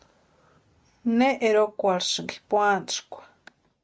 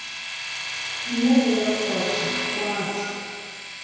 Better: first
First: none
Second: background sound (Domestic sounds, home sounds); 4 dB below the speech // room echo; dies away in 2 s

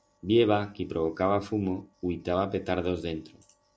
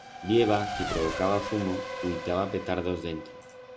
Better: first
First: none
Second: background sound (Race car, auto racing / Accelerating, revving, vroom); 7 dB below the speech

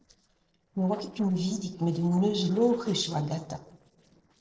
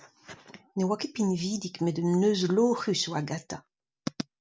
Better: second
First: noise reduction (neural separator model SepFormer DNS4)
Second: none

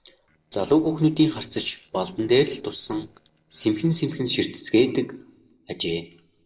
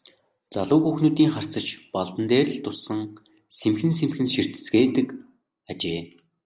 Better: second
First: noise reduction (neural separator model SepFormer DNS4)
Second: none

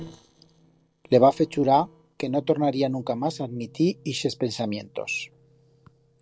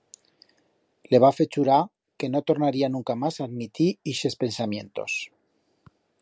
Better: second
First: noise reduction (neural separator model SepFormer DNS4)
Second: none

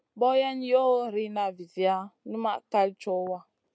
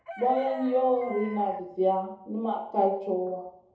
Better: first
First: none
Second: background sound (Chicken, rooster); 16 dB below the speech // room echo; dies away in 2.7 s

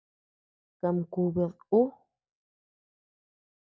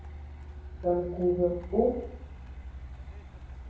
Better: first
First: none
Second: background sound (Truck); 10 dB below the speech // room echo; dies away in 0.7 s

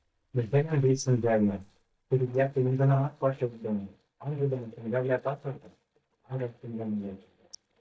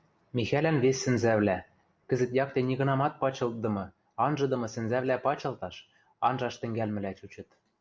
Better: second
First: noise reduction (neural mask model DeepFilterNet 3)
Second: none

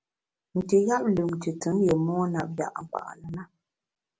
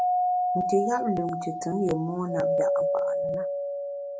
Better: first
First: none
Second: background sound (Doorbell); 3 dB above the speech

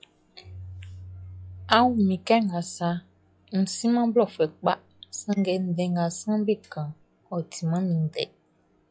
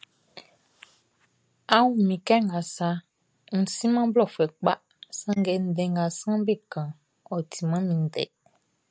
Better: second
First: noise reduction (classical method log-MMSE)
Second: none

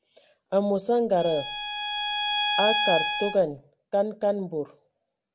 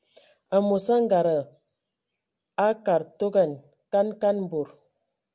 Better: second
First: background sound (Bowed string instrument); 1 dB below the speech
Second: none

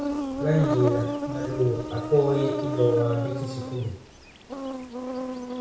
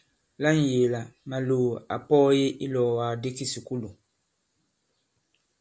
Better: second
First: background sound (Insect); 4 dB below the speech // room echo; dies away in 0.6 s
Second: none

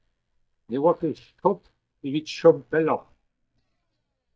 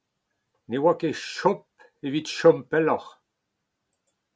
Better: second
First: noise reduction (neural mask model DeepFilterNet 3)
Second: none

